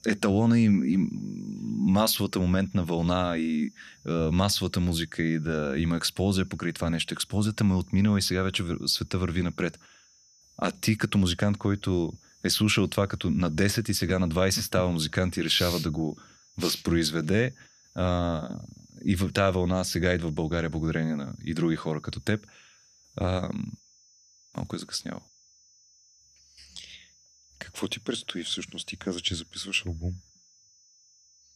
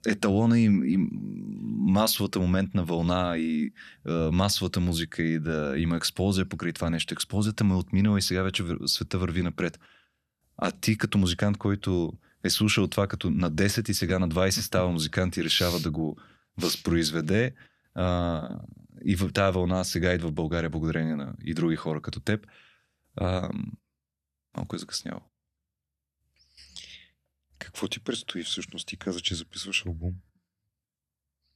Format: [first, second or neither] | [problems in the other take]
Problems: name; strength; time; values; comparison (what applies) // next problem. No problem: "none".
second | high-pitched whine; faint; throughout; 6 kHz, 30 dB below the speech